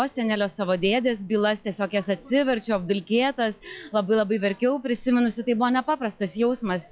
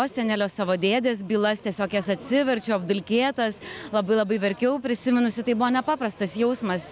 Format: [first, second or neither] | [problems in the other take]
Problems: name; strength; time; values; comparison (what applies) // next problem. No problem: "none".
second | noise reduction (classical method log-MMSE)